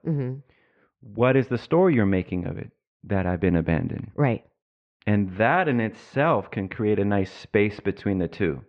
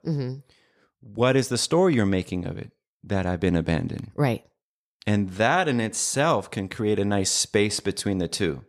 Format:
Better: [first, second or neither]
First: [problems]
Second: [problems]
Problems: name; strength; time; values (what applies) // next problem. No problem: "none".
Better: second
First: muffled; very; fading above 2.5 kHz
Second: none